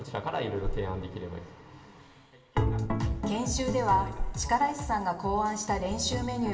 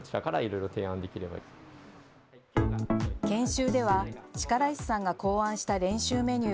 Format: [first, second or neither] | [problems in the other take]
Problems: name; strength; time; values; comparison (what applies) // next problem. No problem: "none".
second | background sound (Breathing); 10 dB below the speech // room echo; dies away in 1.5 s